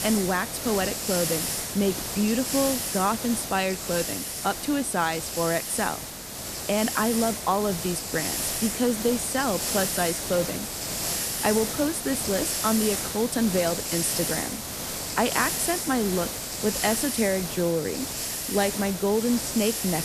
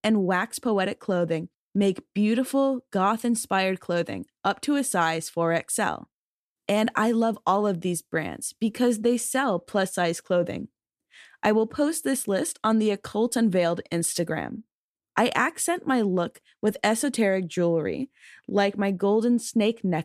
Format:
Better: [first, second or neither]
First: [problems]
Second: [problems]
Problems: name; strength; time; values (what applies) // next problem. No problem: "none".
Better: second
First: hiss; loud; throughout; 2 dB below the speech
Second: none